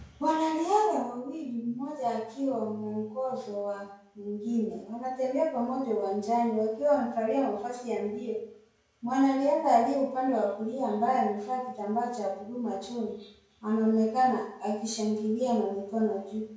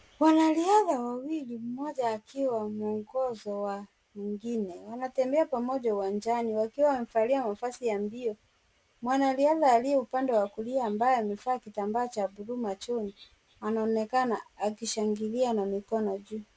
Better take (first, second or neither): second